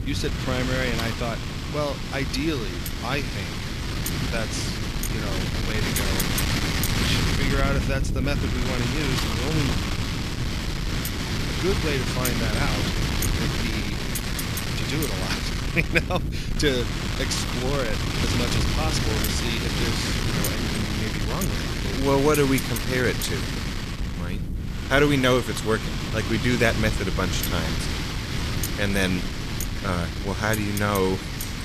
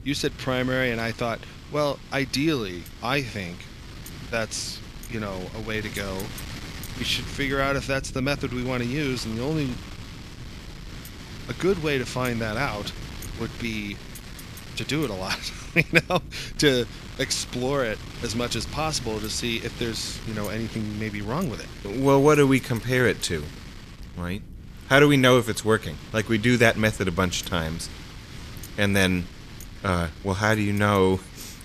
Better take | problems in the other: second | wind noise on the microphone; heavy; 2 dB below the speech; occasional gusts in the second

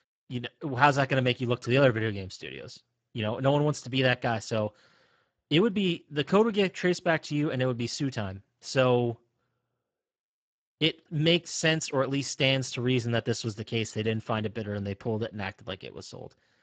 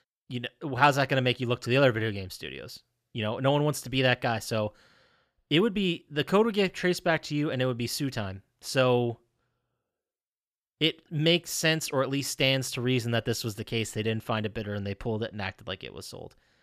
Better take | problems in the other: second | garbled, watery; badly; nothing above 7.5 kHz

